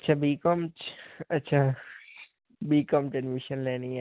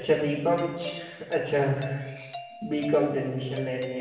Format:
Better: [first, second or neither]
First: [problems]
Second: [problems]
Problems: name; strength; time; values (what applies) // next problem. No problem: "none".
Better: first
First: none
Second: background sound (Doorbell); 14 dB below the speech // room echo; dies away in 1 s